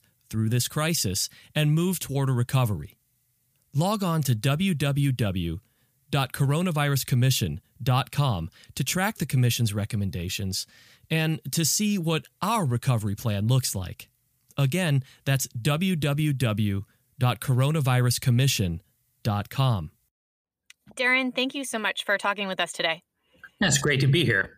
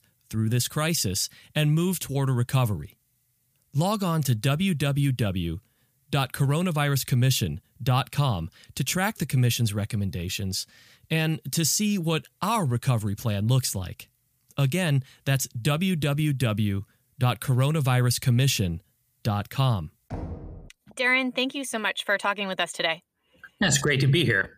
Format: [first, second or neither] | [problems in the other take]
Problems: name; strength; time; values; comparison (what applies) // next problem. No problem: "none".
first | door banging; faint; at 20 s; peak 10 dB below the speech